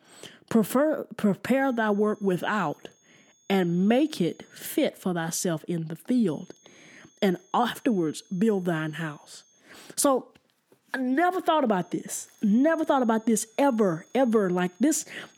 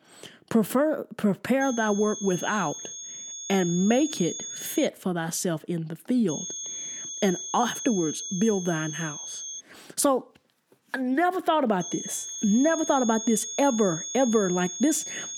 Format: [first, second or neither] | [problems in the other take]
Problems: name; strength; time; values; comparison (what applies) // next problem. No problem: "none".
first | high-pitched whine; loud; from 1.5 to 5 s, from 6.5 to 9.5 s and from 12 s on; 6.5 kHz, 7 dB below the speech; faint in the first